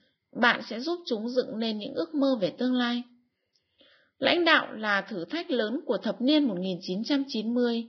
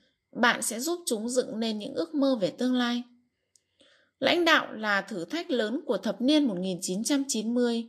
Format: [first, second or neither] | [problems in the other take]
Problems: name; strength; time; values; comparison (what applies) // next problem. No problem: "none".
second | garbled, watery; badly; nothing above 5.5 kHz; slightly in the second